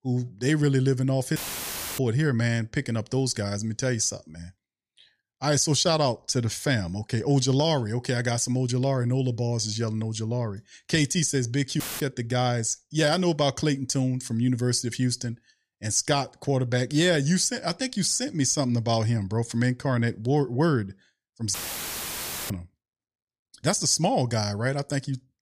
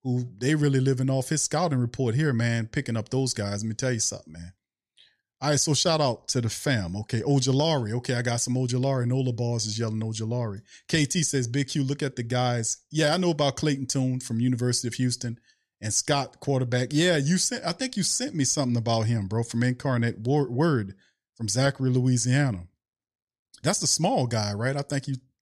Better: second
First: audio cutting out; filled with static; at 1.5 s for 0.5 s, at 12 s and at 22 s for 1 s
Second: none

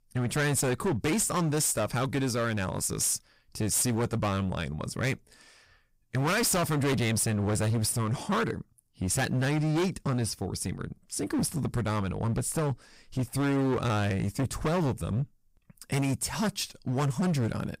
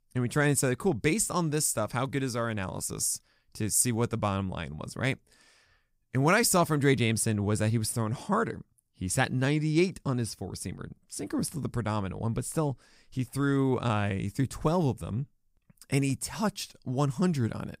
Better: second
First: distortion; heavy; 19% of the sound clipped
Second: none

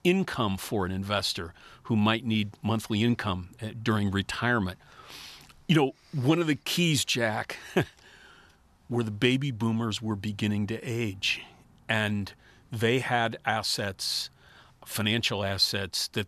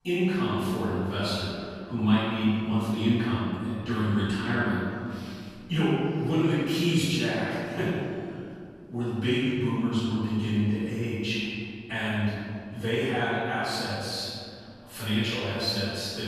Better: first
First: none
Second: off-mic speech; far // room echo; strong; dies away in 2.4 s

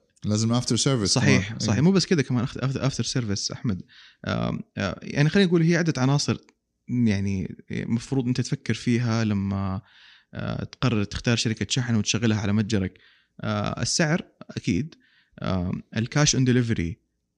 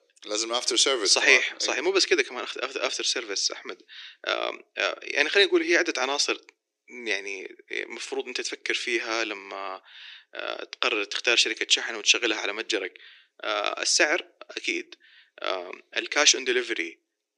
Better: first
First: none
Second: thin; very; fading below 350 Hz

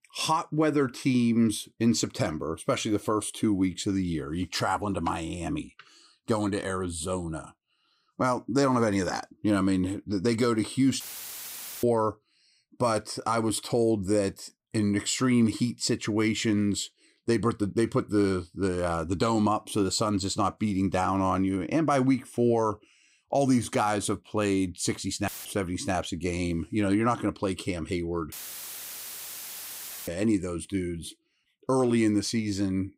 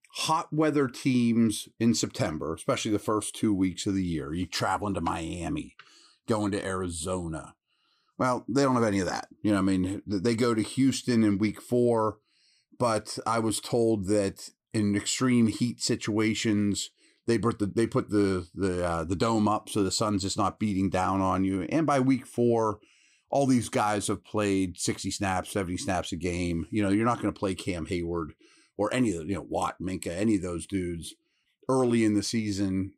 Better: second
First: audio cutting out; filled with static; at 11 s for 1 s, at 25 s and at 28 s for 2 s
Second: none

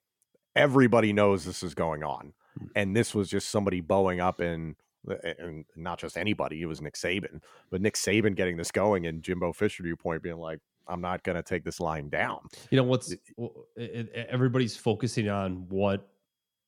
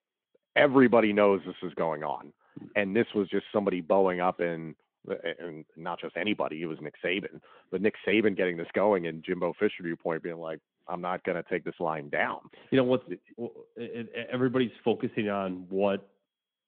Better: first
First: none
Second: phone-call audio

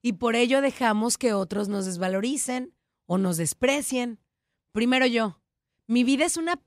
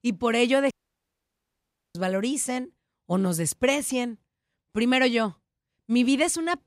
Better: first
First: none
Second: audio cutting out; at 0.5 s for 1 s

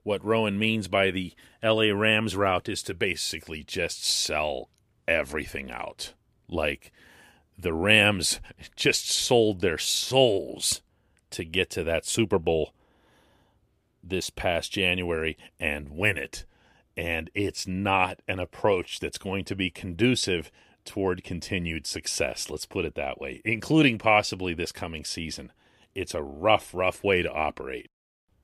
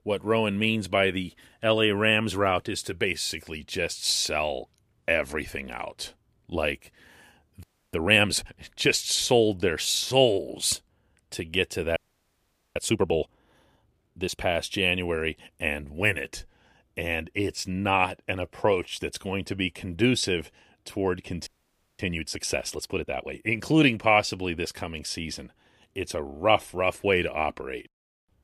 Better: first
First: none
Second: audio freezing; at 7.5 s, at 12 s for 1 s and at 21 s for 0.5 s

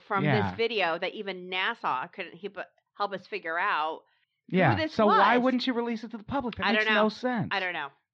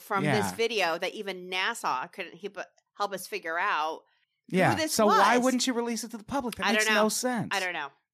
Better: second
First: muffled; slightly; fading above 4 kHz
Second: none

